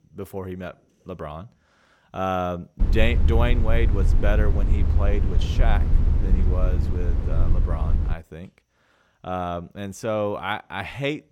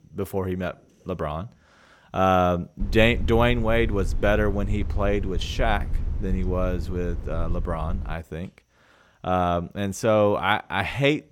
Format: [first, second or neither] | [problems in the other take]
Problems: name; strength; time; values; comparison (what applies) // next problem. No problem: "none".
second | low rumble; loud; from 3 to 8 s; 9 dB below the speech; faint in the second